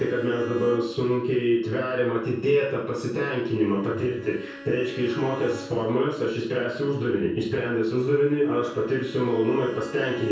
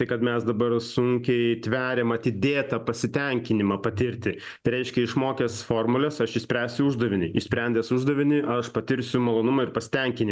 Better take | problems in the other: second | background sound (Bowed string instrument); 19 dB below the speech // room echo; dies away in 0.6 s

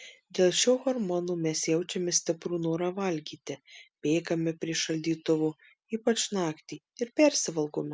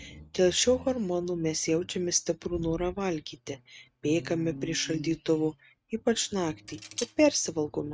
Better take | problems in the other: first | noise reduction (neural mask model RNNoise)

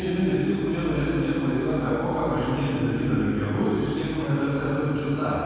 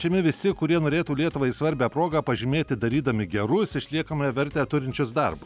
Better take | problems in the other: second | room echo; dies away in 2.1 s

